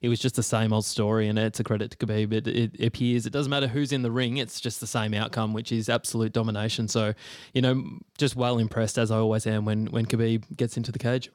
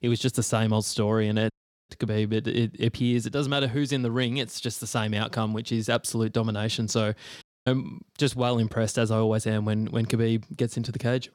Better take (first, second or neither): first